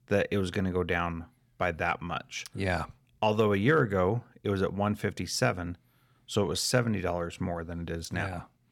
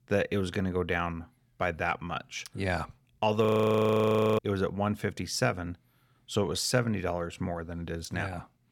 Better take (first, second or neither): first